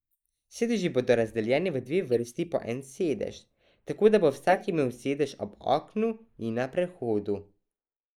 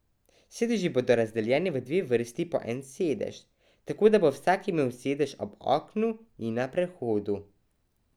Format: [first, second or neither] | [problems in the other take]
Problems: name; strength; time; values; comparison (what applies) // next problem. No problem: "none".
second | noise reduction (neural mask model Resemble Enhance denoiser)